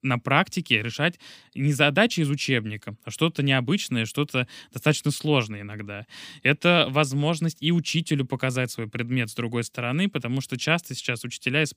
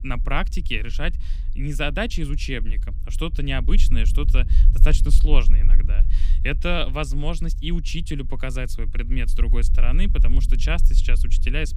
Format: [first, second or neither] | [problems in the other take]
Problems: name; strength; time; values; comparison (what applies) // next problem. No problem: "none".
first | low rumble; noticeable; throughout; 15 dB below the speech